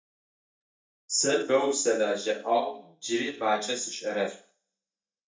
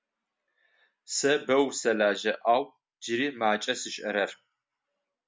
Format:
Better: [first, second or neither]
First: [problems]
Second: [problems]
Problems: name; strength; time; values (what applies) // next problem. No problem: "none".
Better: second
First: noise reduction (neural mask model DeepFilterNet 3)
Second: none